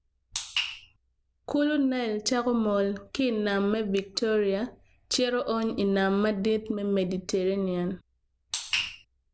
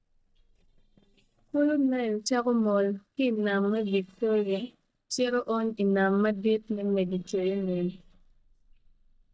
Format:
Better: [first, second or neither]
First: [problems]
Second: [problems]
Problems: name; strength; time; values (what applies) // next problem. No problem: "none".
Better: first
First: none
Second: noise reduction (neural mask model DeepFilterNet 3)